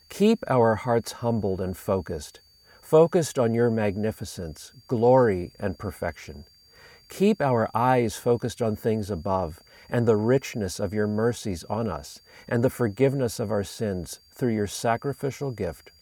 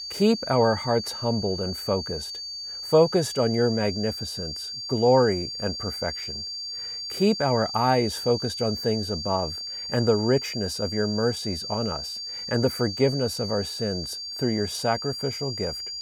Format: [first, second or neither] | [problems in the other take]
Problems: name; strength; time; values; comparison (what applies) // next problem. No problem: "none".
first | high-pitched whine; loud; throughout; 4.5 kHz, 6 dB below the speech; faint in the first